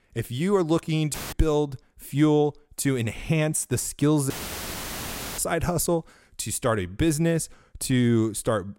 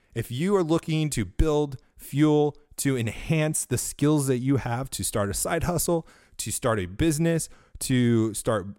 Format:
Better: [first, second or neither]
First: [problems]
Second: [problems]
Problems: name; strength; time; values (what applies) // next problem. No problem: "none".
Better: second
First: audio cutting out; filled with static; at 1 s and at 4.5 s for 1 s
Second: none